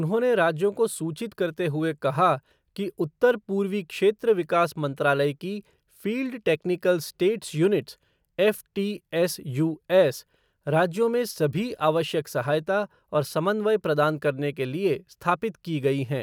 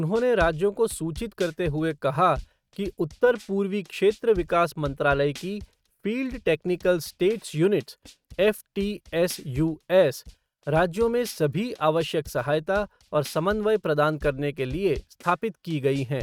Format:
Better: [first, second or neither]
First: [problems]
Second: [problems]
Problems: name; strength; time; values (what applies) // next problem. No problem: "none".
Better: first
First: none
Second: noise reduction (neural mask model RNNoise)